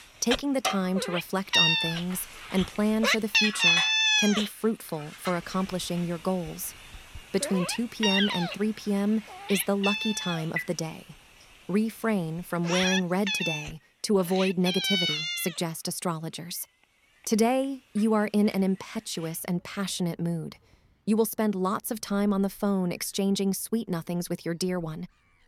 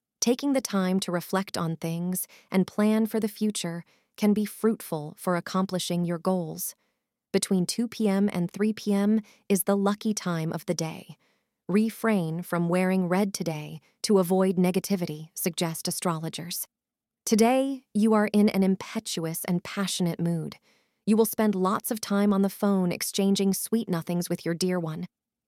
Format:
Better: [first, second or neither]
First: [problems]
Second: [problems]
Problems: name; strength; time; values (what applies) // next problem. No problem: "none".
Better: second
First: animal sounds; very loud; throughout; 2 dB above the speech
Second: none